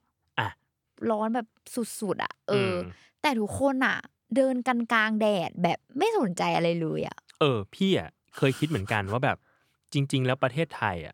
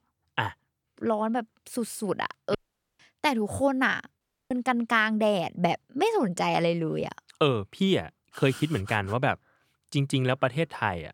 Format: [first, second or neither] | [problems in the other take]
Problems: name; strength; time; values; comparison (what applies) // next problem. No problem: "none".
first | audio cutting out; at 2.5 s and at 4 s